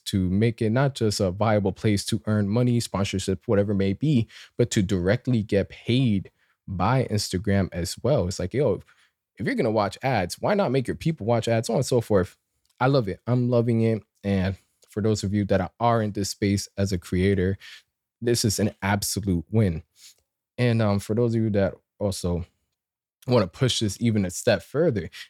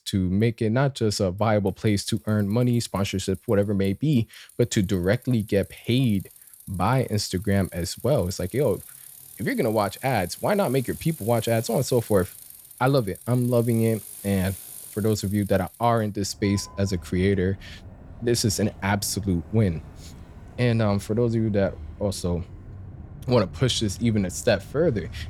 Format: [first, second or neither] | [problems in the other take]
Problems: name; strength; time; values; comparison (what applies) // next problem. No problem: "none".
first | traffic noise; noticeable; throughout; 20 dB below the speech